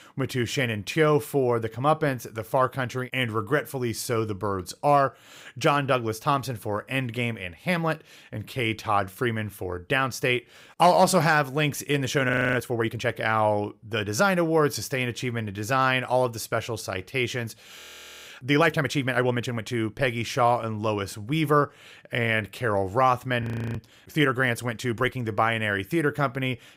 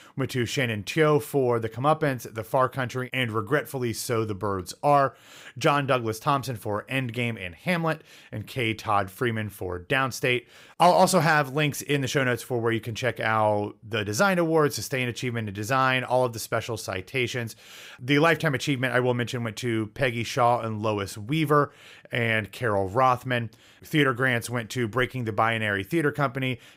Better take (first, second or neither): second